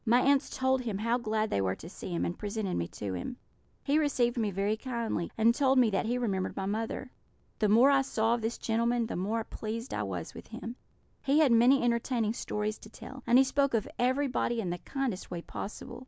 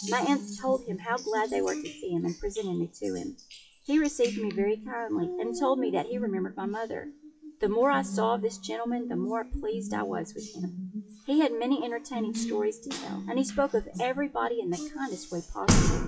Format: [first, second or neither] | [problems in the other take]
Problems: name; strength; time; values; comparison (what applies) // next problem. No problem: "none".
first | noise reduction (classical method WPE with log-MMSE)